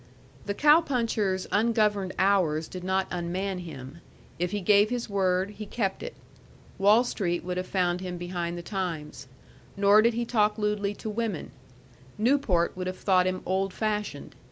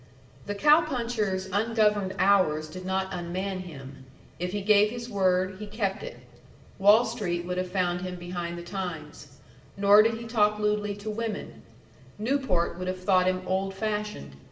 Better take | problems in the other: first | room echo; dies away in 0.7 s

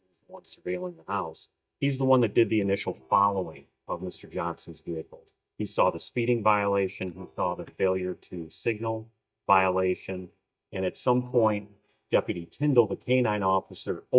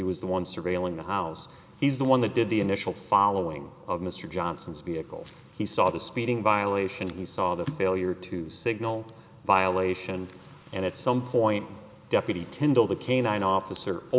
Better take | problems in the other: second | noise reduction (neural mask model DeepFilterNet 3)

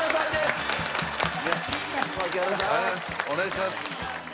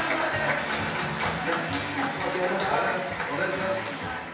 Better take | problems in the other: first | room echo; dies away in 0.9 s

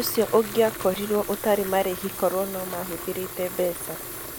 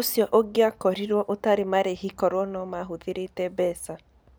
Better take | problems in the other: second | background sound (Fill (with liquid) / Water tap, faucet); 10 dB below the speech

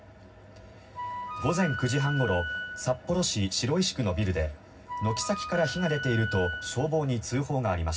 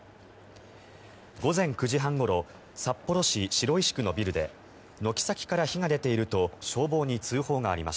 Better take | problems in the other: second | background sound (Wind instrument, woodwind instrument); 7 dB below the speech // room echo; dies away in 0.4 s

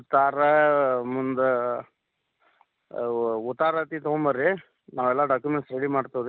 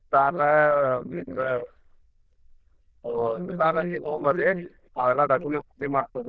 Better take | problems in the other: first | noise reduction (neural diffusion model UNIVERSE++)

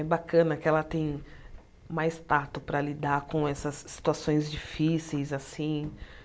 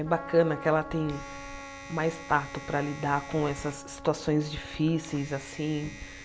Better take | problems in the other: first | background sound (Trumpet + Domestic sounds, home sounds); 14 dB below the speech

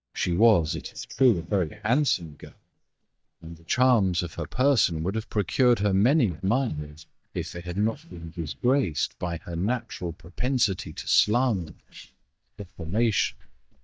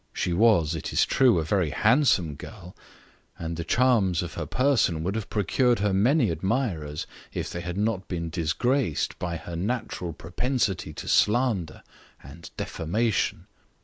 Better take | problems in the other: second | noise reduction (neural mask model DeepFilterNet 3)

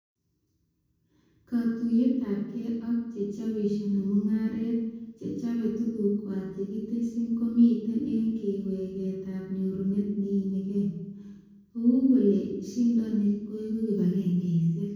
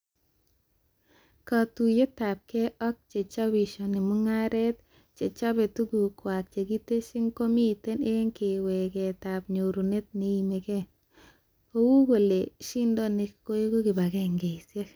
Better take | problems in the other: second | room echo; dies away in 1.1 s

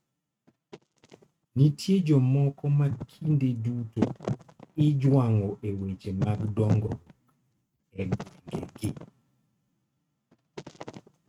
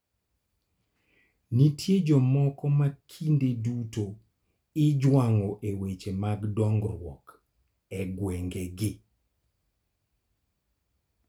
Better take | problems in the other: second | noise reduction (neural mask model RNNoise)

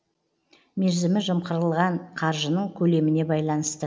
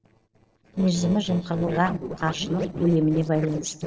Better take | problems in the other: first | noise reduction (neural separator model SepFormer DNS4)

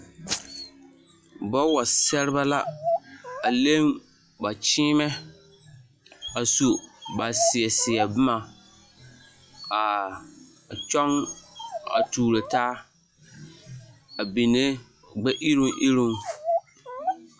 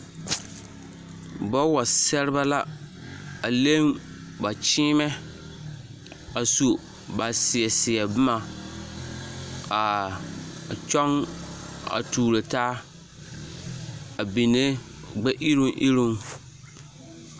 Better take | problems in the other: second | noise reduction (classical method log-MMSE)

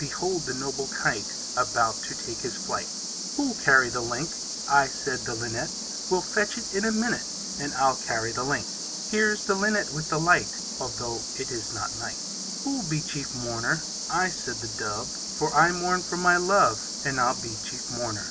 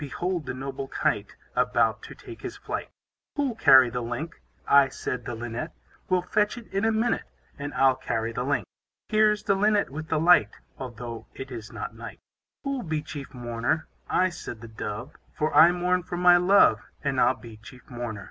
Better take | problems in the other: second | background sound (Cricket); 6 dB below the speech

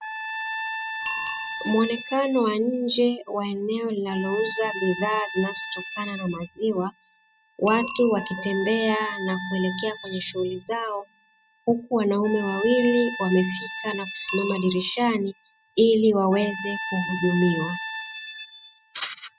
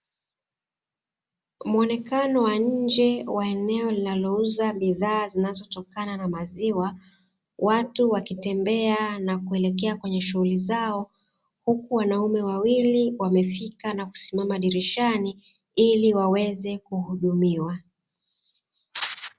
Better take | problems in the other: second | noise reduction (classical method spectral subtraction)

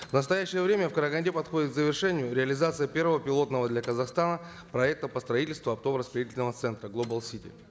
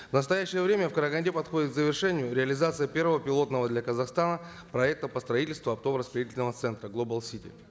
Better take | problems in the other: second | background sound (Printer); 19 dB below the speech

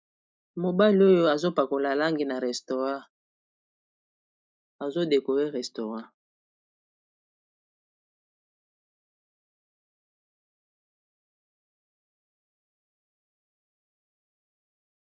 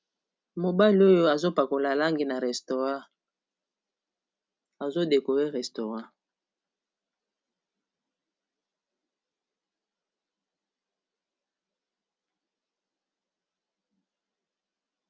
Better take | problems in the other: second | noise reduction (neural mask model Resemble Enhance denoiser)

